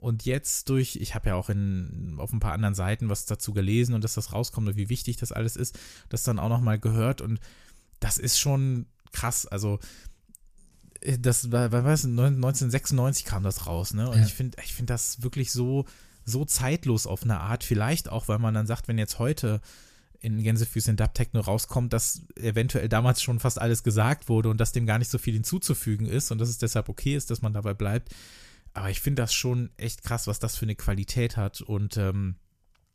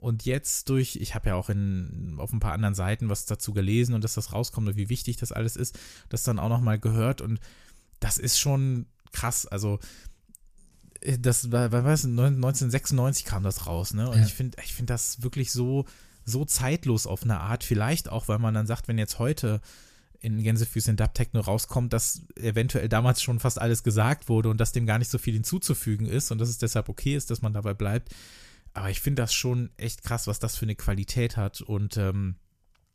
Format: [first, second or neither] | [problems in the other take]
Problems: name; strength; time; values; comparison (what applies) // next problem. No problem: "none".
neither | none